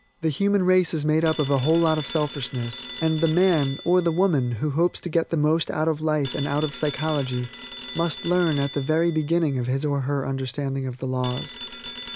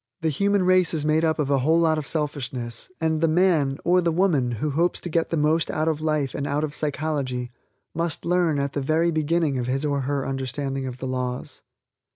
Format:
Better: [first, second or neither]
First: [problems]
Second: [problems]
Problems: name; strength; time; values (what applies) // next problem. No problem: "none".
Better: second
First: background sound (Telephone); 15 dB below the speech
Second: none